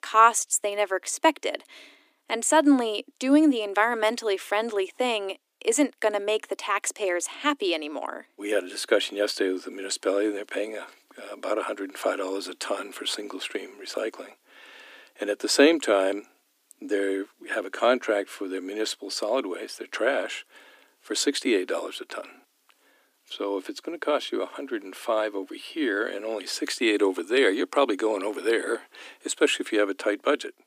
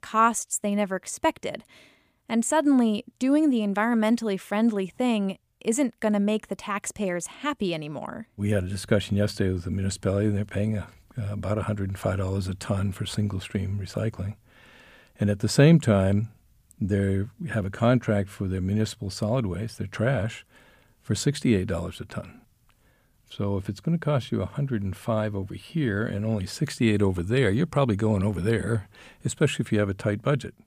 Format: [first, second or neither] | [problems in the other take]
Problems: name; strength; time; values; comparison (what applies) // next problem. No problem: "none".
second | thin; somewhat; fading below 300 Hz